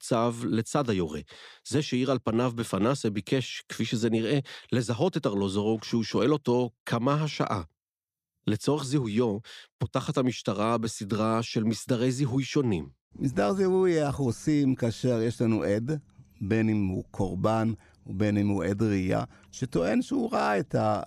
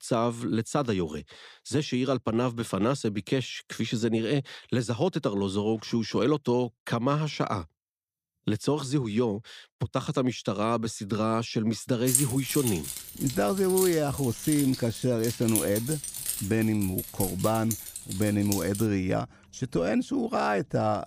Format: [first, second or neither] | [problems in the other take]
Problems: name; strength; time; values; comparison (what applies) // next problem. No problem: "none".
first | jangling keys; loud; from 12 to 19 s; peak 3 dB above the speech